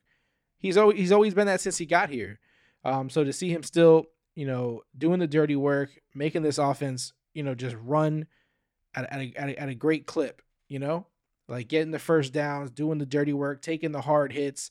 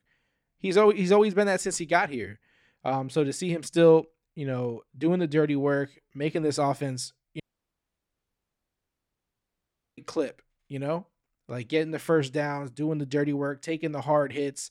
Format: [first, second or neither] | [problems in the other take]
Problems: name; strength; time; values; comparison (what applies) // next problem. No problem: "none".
first | audio cutting out; at 7.5 s for 2.5 s